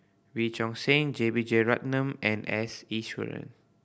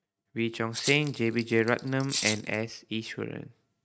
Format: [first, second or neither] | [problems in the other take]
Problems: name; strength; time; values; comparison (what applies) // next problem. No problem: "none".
first | noise reduction (neural mask model RNNoise)